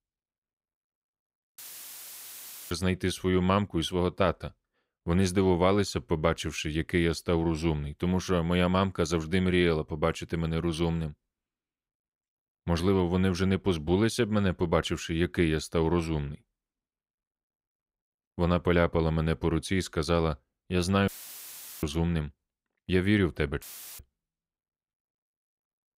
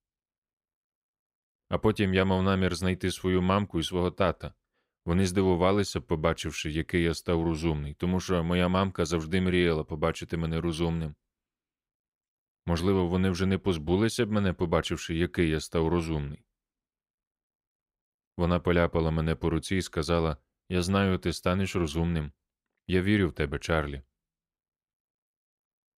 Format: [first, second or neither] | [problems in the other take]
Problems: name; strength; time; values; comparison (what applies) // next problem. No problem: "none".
second | audio cutting out; filled with static; at 1.5 s for 1 s, at 21 s for 1 s and at 24 s